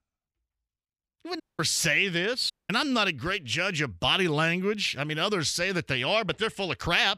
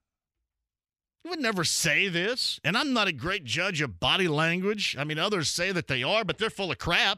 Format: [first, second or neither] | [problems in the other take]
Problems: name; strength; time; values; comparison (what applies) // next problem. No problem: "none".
second | audio cutting out; at 1.5 s and at 2.5 s